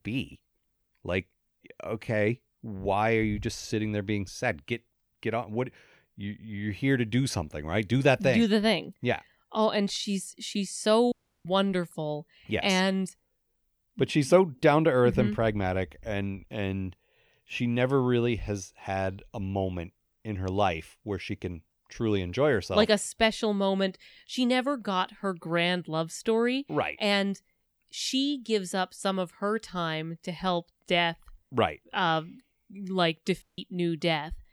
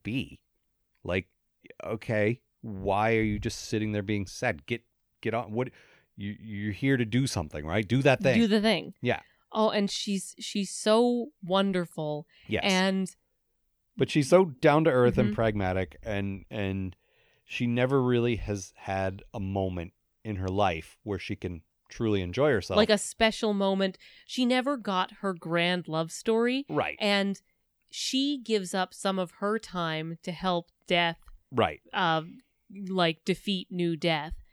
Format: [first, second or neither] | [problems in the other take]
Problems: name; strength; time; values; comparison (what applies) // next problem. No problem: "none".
second | audio cutting out; at 11 s and at 33 s